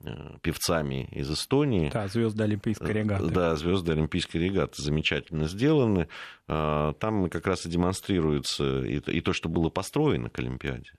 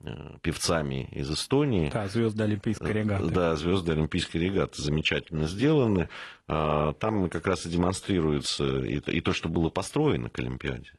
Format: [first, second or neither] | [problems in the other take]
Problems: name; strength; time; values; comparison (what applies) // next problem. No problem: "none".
first | garbled, watery; slightly; nothing above 11 kHz